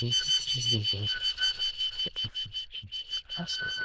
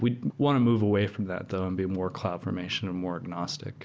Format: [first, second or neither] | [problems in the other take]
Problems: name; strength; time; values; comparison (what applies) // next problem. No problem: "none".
second | noise reduction (neural diffusion model UNIVERSE++)